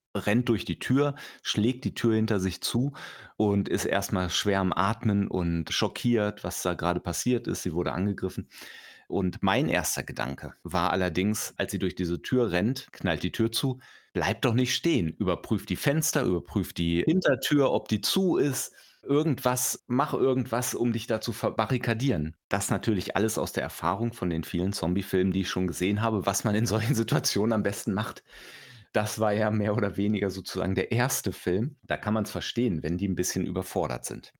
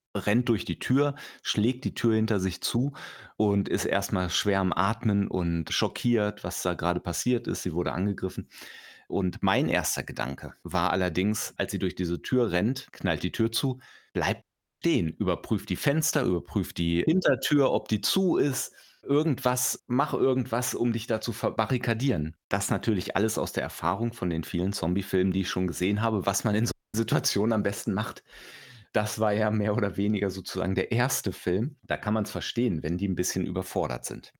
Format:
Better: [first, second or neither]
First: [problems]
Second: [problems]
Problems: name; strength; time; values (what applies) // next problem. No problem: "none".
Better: first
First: none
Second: audio cutting out; at 14 s and at 27 s